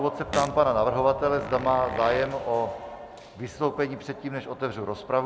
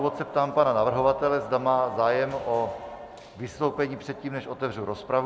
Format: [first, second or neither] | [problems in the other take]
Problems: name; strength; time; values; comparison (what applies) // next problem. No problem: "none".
second | background sound (Fart); 11 dB below the speech